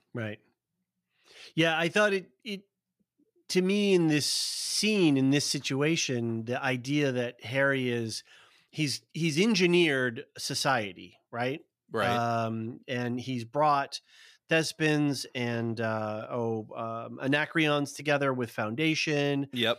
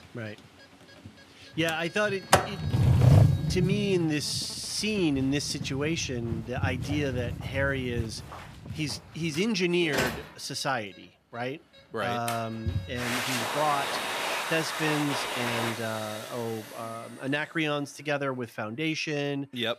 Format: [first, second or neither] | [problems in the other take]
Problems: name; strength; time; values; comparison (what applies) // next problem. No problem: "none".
first | household noises; very loud; throughout; 1 dB above the speech